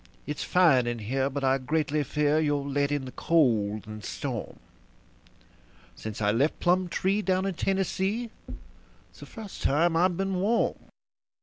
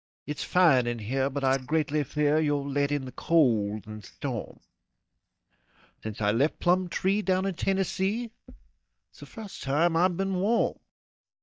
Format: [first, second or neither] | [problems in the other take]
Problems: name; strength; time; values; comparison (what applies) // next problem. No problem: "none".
first | noise reduction (neural mask model DeepFilterNet 3)